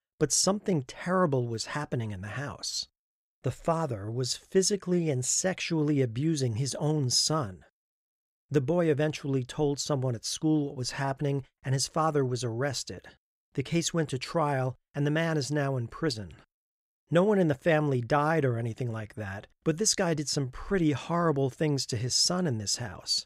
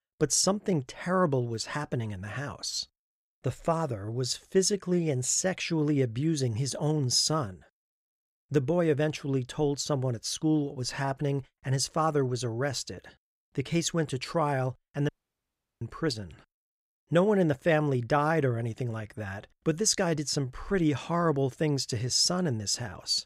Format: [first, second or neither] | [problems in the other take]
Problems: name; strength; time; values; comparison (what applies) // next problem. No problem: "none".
first | audio cutting out; at 15 s for 0.5 s